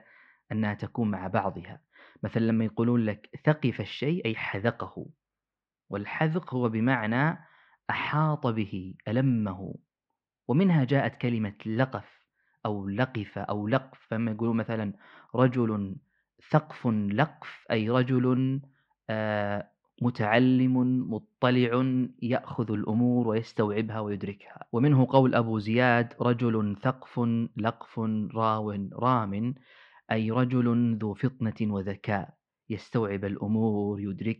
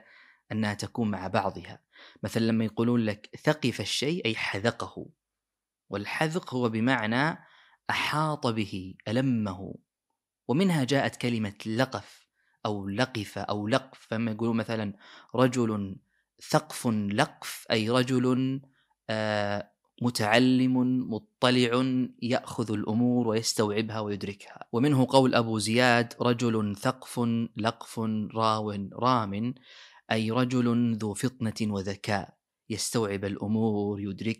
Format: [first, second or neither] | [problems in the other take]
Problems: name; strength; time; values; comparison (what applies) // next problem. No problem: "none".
second | muffled; very; fading above 2.5 kHz